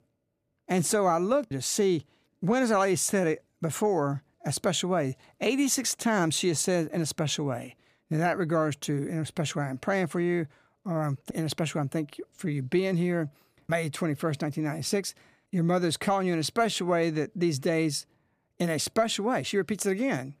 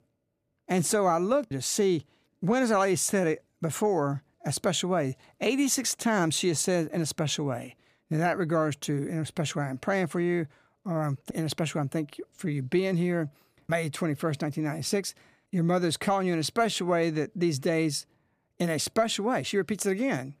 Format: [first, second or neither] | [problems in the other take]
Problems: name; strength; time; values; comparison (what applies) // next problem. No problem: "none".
neither | none